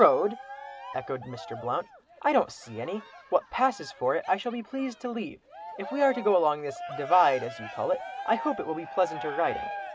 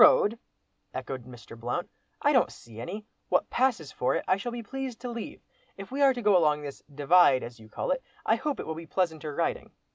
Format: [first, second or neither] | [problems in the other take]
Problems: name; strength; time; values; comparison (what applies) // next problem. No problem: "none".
second | background sound (Cheering); 12 dB below the speech